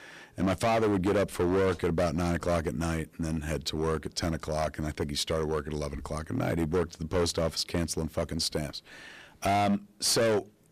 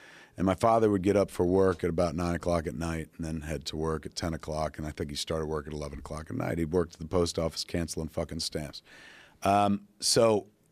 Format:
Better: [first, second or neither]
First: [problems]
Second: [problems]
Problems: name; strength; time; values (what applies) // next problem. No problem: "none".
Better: second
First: distortion; heavy; 11% of the sound clipped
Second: none